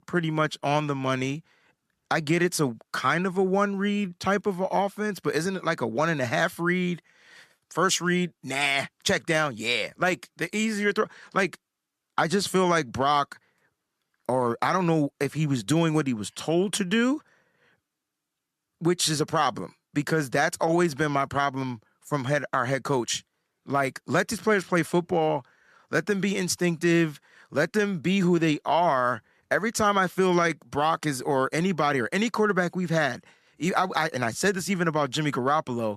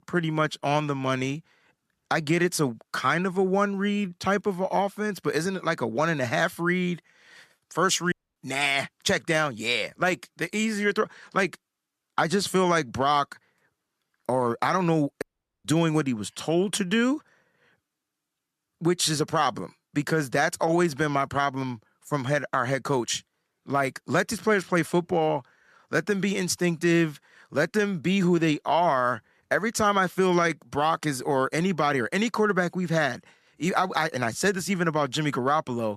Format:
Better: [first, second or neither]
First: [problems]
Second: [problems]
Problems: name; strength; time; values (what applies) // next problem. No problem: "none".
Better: first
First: none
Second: audio cutting out; at 8 s and at 15 s